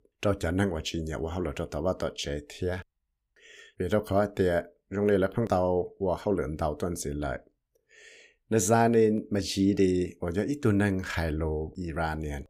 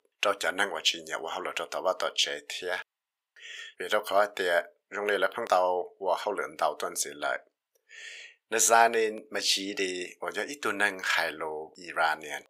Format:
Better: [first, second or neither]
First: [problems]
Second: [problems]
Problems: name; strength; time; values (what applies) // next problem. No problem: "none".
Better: first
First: none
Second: thin; very; fading below 900 Hz